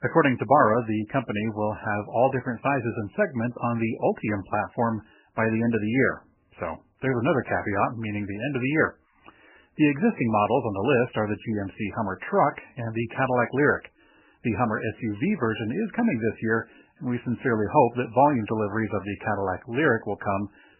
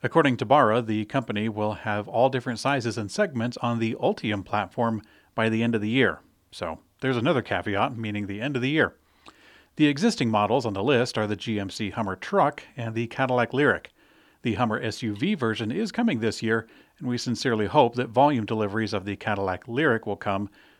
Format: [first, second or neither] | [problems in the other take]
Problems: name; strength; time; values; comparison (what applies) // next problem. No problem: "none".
second | garbled, watery; badly; nothing above 3 kHz